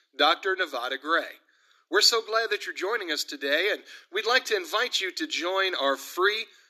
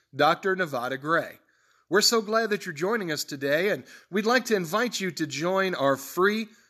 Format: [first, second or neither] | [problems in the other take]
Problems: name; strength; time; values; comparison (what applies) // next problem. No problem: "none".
second | thin; somewhat; fading below 300 Hz